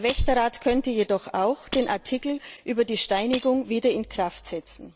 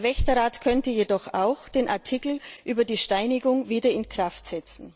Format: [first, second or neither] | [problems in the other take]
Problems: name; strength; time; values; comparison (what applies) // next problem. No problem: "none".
second | background sound (Shatter); 18 dB below the speech